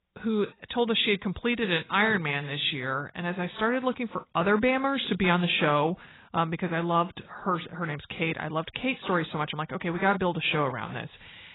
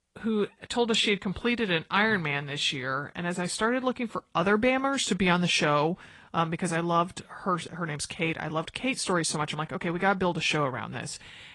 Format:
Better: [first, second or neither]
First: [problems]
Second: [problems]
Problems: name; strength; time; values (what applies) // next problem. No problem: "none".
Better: second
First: garbled, watery; badly; nothing above 4 kHz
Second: garbled, watery; slightly